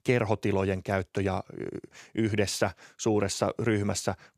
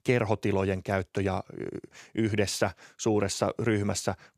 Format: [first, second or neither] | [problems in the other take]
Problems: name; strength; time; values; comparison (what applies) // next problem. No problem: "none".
neither | none